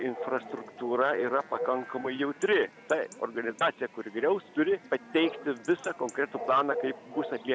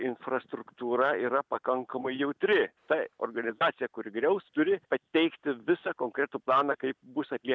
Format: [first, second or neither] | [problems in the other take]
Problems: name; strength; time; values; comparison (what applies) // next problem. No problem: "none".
second | background sound (Bark / Chatter / Chirp, tweet / Livestock, farm animals, working animals); 12 dB below the speech